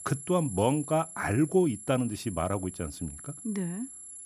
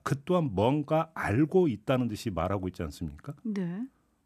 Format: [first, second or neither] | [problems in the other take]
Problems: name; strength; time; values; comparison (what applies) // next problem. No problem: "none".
second | high-pitched whine; noticeable; throughout; 11 kHz, 10 dB below the speech